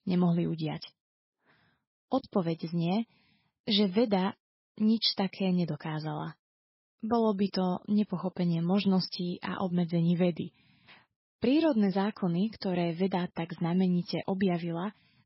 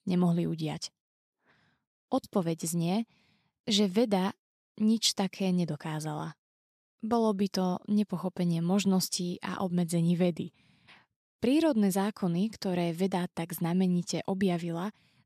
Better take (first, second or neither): second